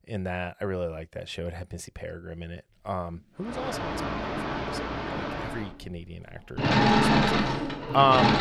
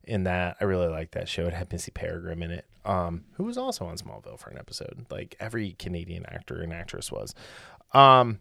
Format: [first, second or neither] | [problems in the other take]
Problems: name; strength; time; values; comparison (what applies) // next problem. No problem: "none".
second | machinery noise; very loud; from 3.5 s on; 4 dB above the speech